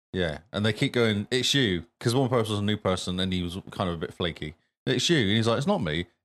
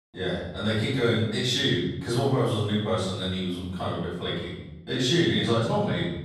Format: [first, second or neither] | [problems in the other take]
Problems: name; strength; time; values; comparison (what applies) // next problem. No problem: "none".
first | off-mic speech; far // room echo; strong; dies away in 0.9 s